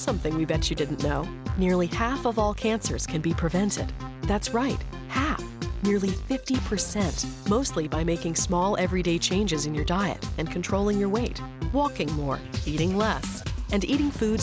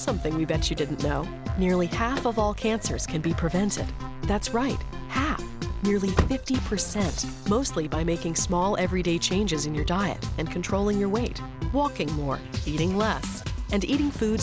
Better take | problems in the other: first | background sound (Alarm + Slam / Engine starting); 12 dB below the speech

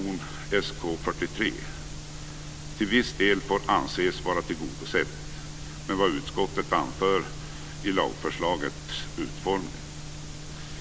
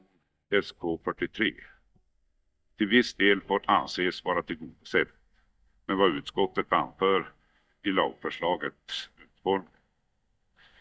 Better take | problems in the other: first | noise reduction (neural mask model DeepFilterNet 3)

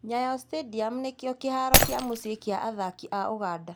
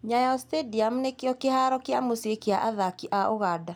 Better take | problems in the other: second | background sound (Shatter); 4 dB above the speech

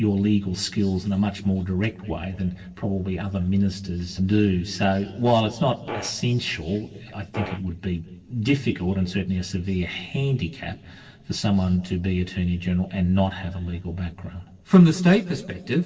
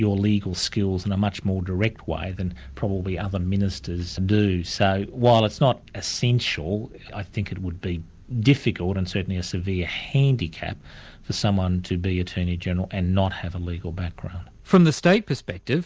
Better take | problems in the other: second | noise reduction (neural separator model SepFormer DNS4)

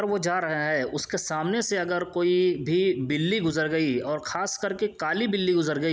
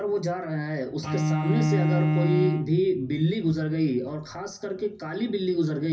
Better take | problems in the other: first | background sound (Bowed string instrument); as loud as the speech // room echo; dies away in 0.4 s

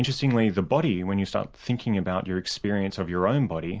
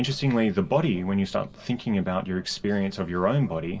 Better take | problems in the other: first | room echo; dies away in 1.9 s

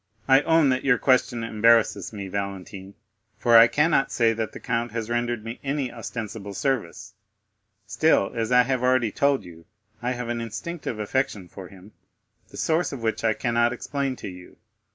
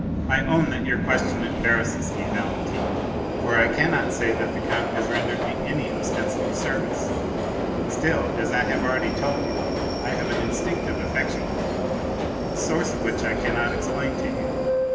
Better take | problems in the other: first | background sound (Subway, metro, underground); 2 dB above the speech // room echo; dies away in 1.2 s

